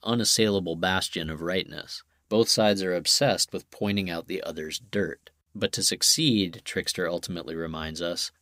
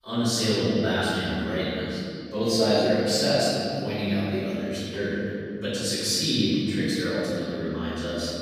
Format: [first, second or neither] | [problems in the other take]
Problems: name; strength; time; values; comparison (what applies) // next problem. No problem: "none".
first | off-mic speech; far // room echo; strong; dies away in 2.8 s